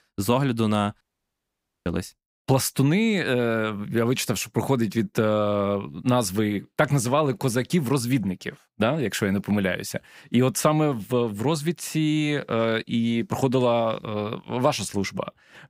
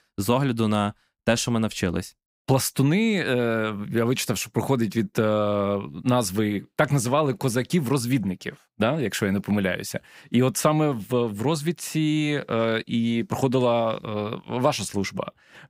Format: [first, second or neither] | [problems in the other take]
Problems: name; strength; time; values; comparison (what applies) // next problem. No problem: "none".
second | audio cutting out; at 1 s for 1 s